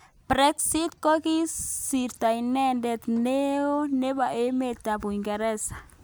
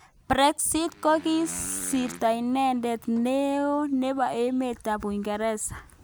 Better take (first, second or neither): first